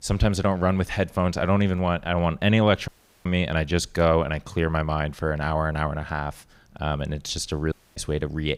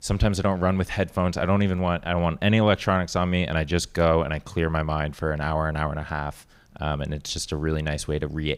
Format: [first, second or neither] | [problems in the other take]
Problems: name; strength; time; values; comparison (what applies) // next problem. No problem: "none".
second | audio cutting out; at 3 s and at 7.5 s